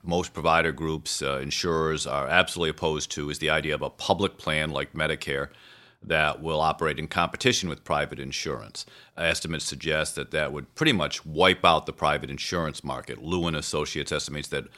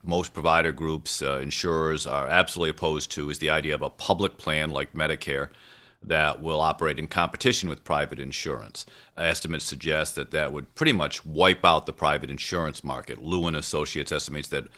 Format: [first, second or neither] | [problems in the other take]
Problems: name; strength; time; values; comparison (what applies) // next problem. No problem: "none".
first | garbled, watery; slightly; nothing above 16 kHz